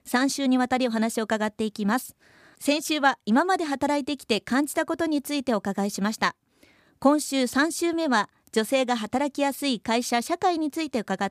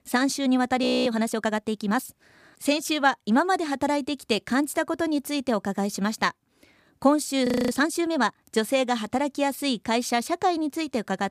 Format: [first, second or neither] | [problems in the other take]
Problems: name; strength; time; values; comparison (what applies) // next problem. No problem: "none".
first | audio freezing; at 1 s and at 7.5 s